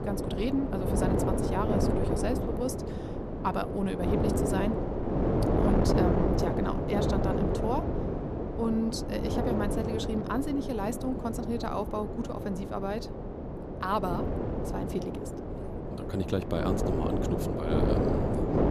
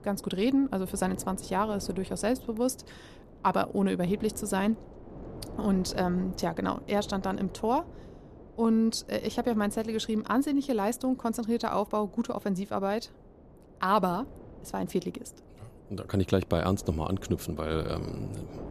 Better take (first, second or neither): second